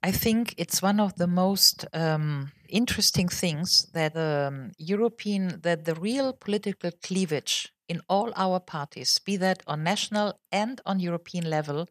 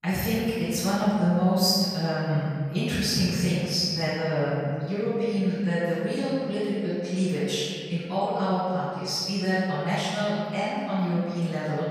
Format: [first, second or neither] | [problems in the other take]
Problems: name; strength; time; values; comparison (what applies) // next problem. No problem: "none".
first | off-mic speech; far // room echo; strong; dies away in 2.1 s